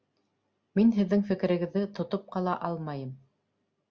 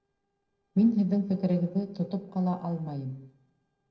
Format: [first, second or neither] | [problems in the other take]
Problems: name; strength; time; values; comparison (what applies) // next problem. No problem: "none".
first | noise reduction (neural separator model SepFormer DNS4)